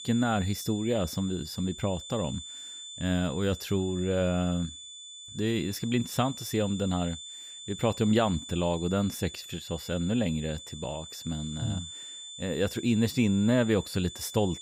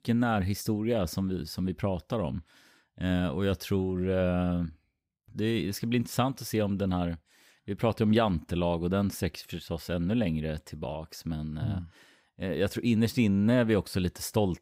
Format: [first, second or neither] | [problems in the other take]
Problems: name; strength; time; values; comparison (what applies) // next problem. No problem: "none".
second | high-pitched whine; noticeable; throughout; 3.5 kHz, 10 dB below the speech